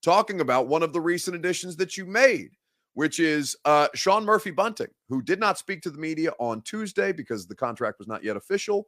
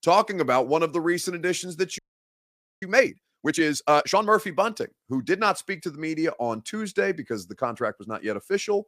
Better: first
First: none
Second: audio freezing; at 2 s for 1 s

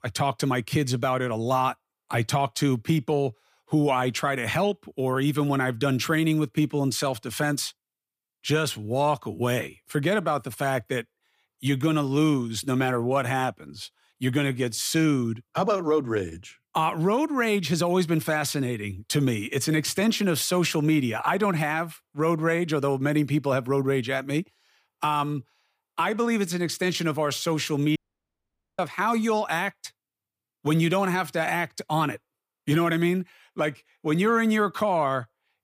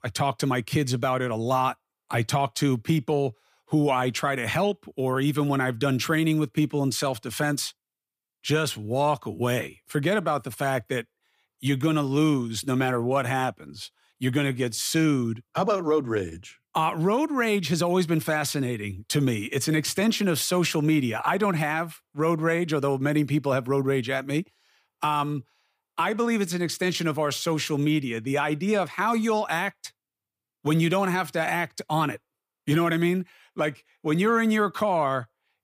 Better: second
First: audio cutting out; at 28 s for 1 s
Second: none

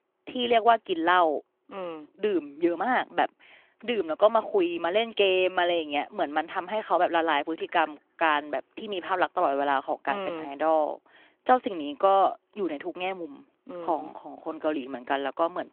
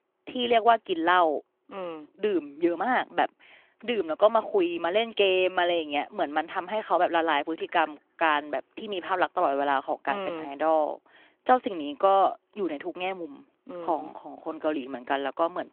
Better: neither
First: phone-call audio; nothing above 3.5 kHz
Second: phone-call audio; nothing above 3.5 kHz

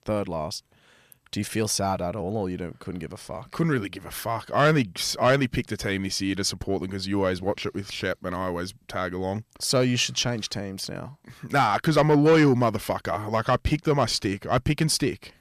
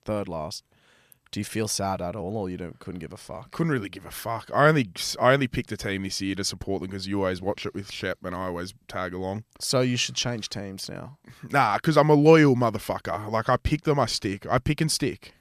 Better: second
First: distortion; slight; 10 dB below the speech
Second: none

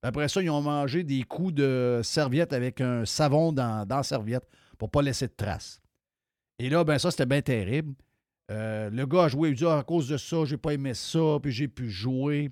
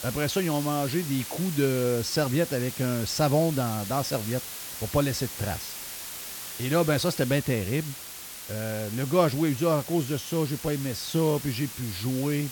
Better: first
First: none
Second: hiss; loud; throughout; 9 dB below the speech

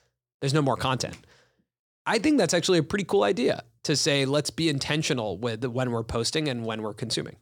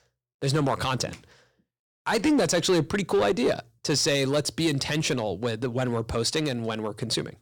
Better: first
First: none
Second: distortion; slight; 5% of the sound clipped

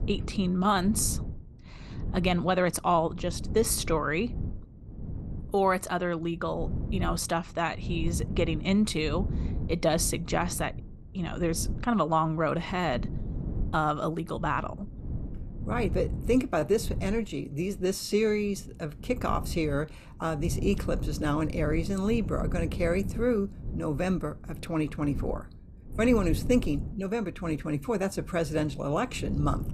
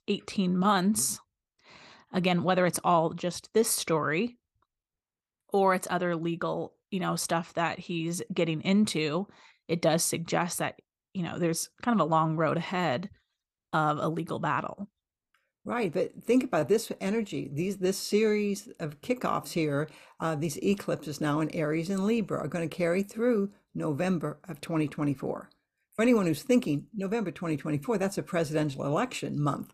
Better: second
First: wind noise on the microphone; occasional gusts; 20 dB below the speech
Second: none

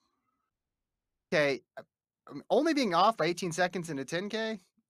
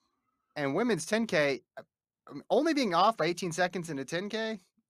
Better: second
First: audio cutting out; at 0.5 s for 1 s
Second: none

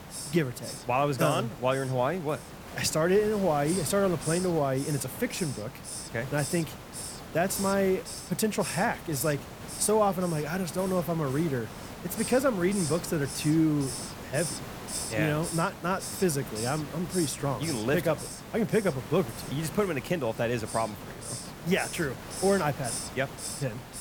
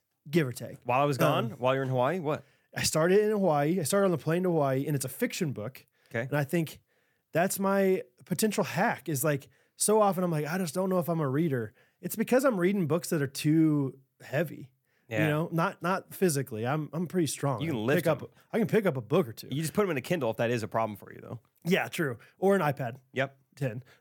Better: second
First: hiss; loud; throughout; 9 dB below the speech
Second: none

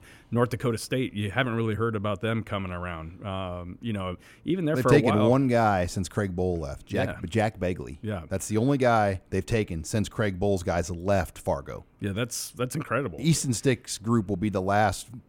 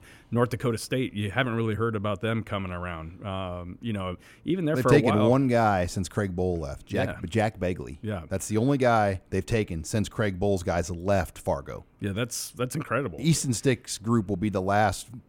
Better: neither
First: none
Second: none

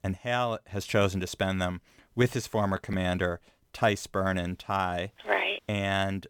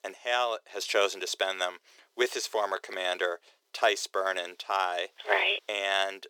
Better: first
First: none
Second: thin; very; fading below 400 Hz

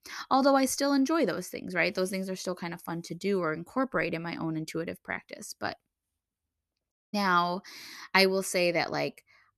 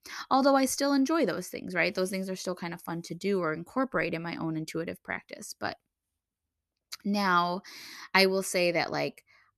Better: second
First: audio cutting out; at 7 s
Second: none

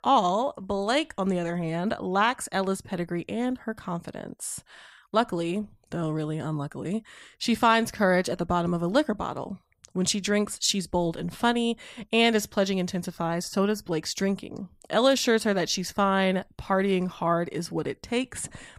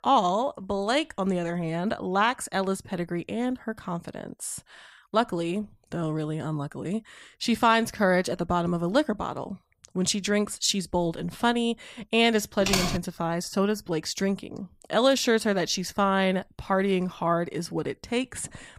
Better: first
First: none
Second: keyboard typing; loud; at 13 s; peak 1 dB above the speech

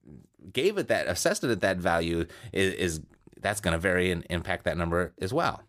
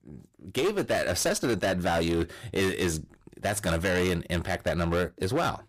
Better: first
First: none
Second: distortion; heavy; 16% of the sound clipped

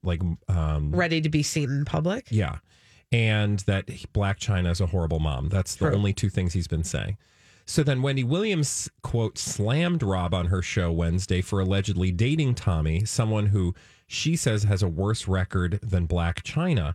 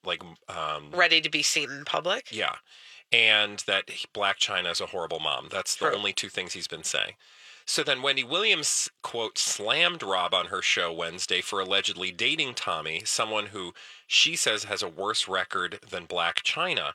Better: first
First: none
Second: thin; very; fading below 600 Hz

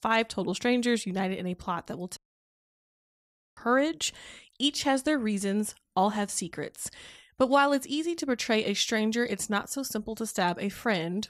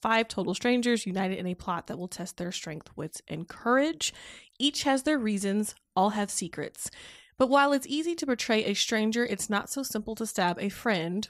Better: second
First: audio cutting out; at 2 s for 1.5 s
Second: none

